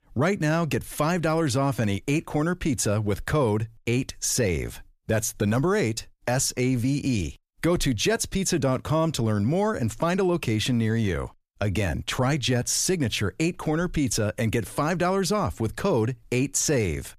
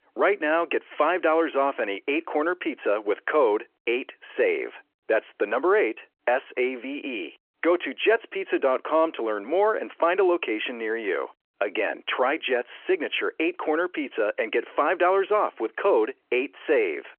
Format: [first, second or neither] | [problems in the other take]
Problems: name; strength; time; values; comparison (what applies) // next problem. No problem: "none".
first | phone-call audio